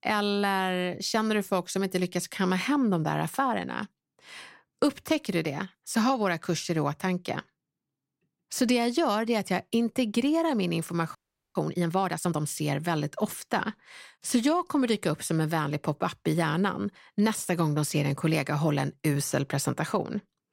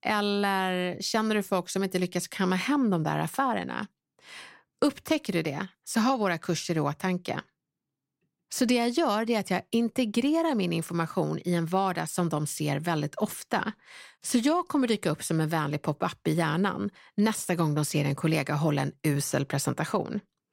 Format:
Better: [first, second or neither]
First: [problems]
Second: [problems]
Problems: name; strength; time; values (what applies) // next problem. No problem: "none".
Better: second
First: audio freezing; at 11 s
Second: none